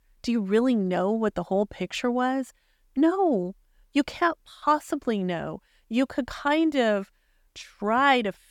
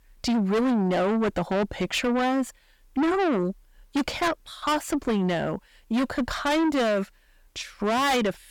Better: first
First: none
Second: distortion; heavy; 5 dB below the speech

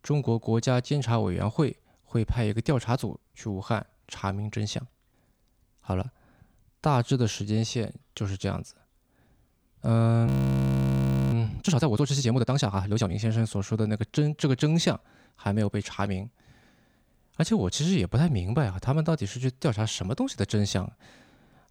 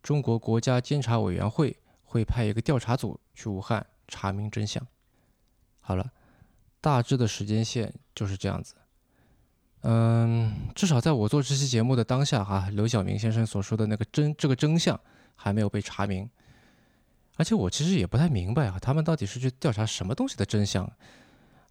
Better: second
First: audio freezing; at 10 s for 1 s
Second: none

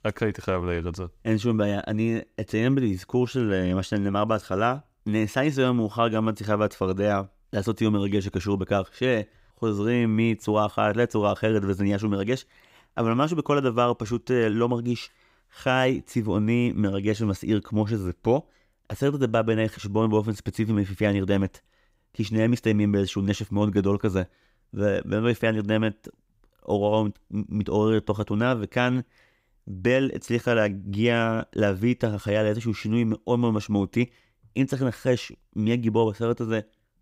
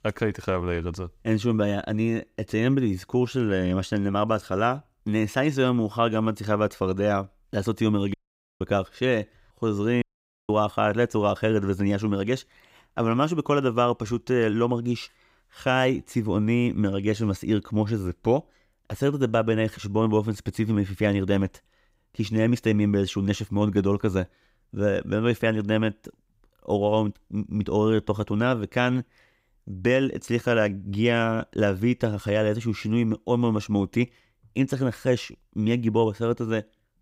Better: first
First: none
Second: audio cutting out; at 8 s and at 10 s

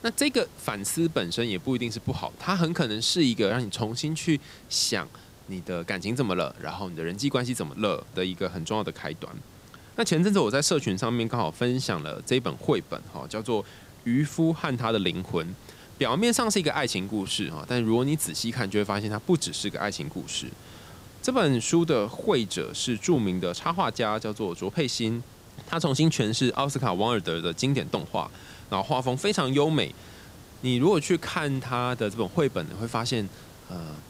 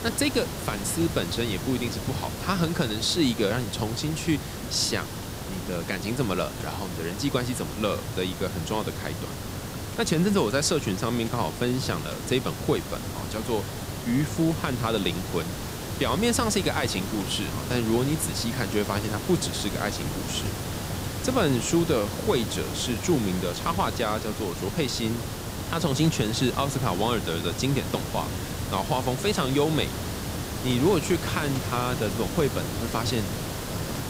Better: first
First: hiss; faint; throughout; 20 dB below the speech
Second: hiss; loud; throughout; 6 dB below the speech

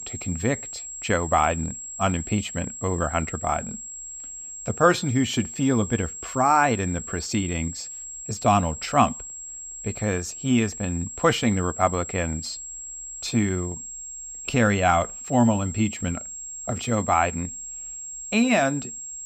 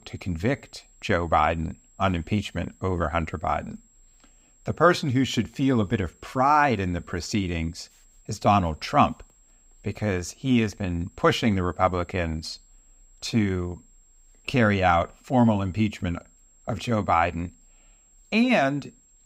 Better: second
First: high-pitched whine; loud; throughout; 7.5 kHz, 10 dB below the speech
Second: high-pitched whine; faint; throughout; 7.5 kHz, 30 dB below the speech

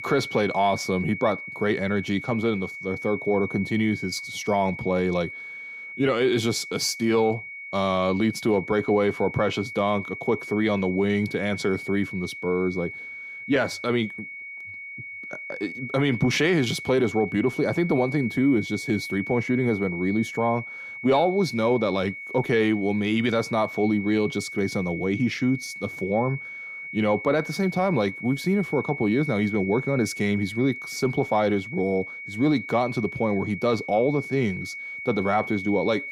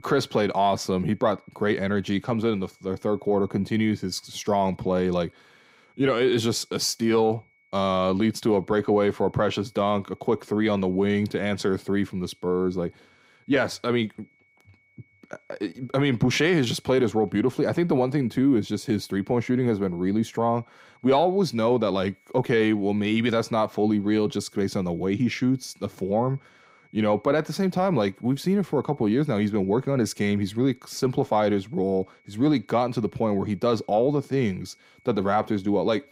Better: second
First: high-pitched whine; loud; throughout; 2 kHz, 10 dB below the speech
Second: high-pitched whine; faint; throughout; 2 kHz, 35 dB below the speech

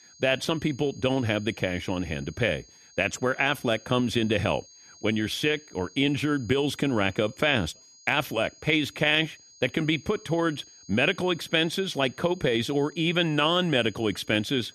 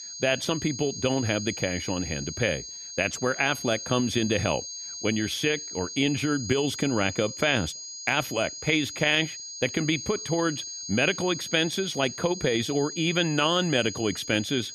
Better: first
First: high-pitched whine; faint; throughout; 6.5 kHz, 25 dB below the speech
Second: high-pitched whine; loud; throughout; 6.5 kHz, 8 dB below the speech

